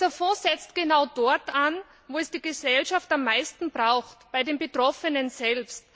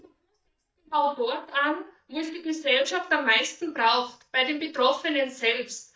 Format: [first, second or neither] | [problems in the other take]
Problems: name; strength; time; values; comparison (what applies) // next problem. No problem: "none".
first | noise reduction (neural mask model DeepFilterNet 3)